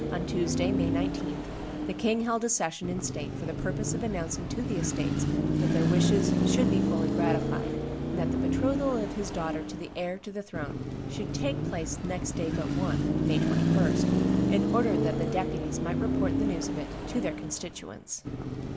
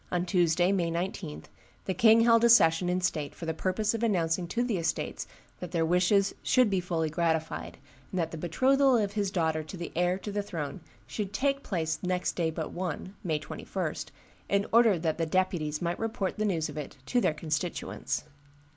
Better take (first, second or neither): second